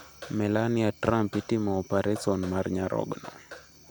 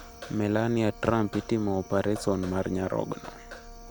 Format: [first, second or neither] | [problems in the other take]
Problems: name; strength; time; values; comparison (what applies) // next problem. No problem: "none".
first | background sound (Brass instrument + Subway, metro, underground); 19 dB below the speech